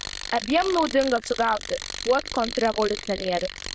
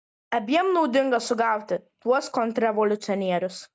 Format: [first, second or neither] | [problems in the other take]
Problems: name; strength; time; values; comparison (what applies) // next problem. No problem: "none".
second | noise reduction (neural diffusion model UNIVERSE++)